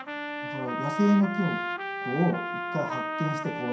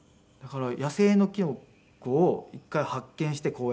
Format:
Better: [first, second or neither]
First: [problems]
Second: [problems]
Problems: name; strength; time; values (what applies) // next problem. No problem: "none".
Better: second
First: background sound (Trumpet); 4 dB below the speech // room echo; dies away in 0.5 s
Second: none